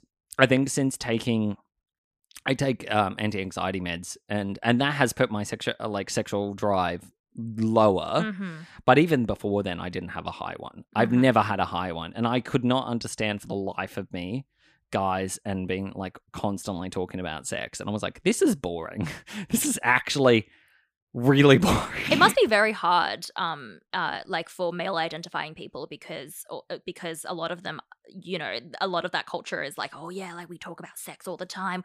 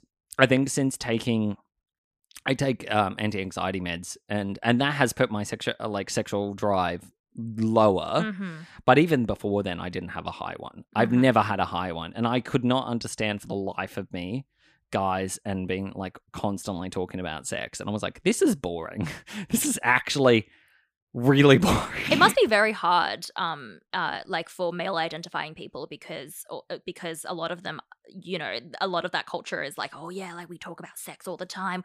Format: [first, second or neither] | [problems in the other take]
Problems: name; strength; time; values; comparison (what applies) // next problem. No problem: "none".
neither | none